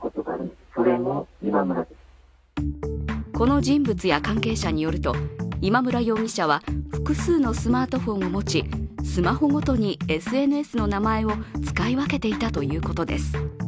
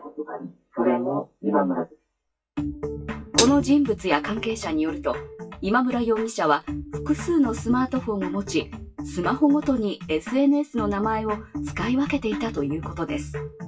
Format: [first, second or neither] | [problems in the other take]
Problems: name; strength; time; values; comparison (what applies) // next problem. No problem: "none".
first | noise reduction (classical method WPE with log-MMSE)